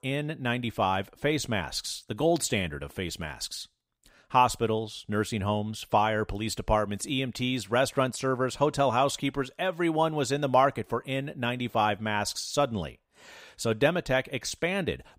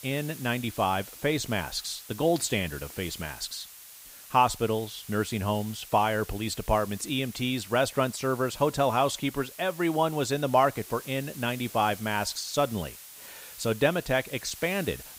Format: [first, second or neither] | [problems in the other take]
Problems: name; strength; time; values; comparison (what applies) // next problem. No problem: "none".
first | hiss; noticeable; throughout; 15 dB below the speech